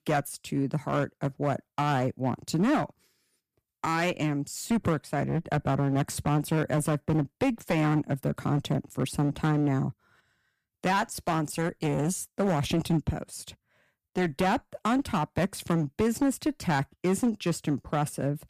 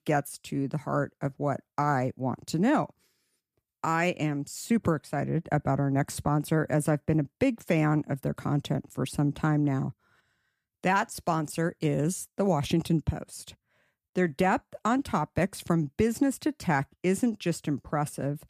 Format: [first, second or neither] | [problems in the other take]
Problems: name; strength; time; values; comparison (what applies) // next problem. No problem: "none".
second | distortion; slight; 8% of the sound clipped